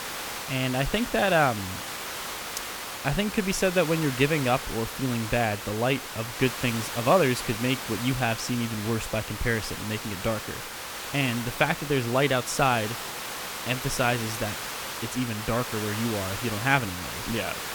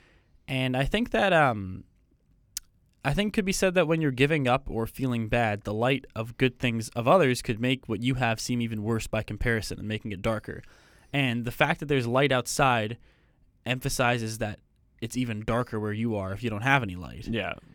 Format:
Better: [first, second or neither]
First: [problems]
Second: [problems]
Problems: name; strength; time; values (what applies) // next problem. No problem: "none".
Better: second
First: hiss; loud; throughout; 6 dB below the speech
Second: none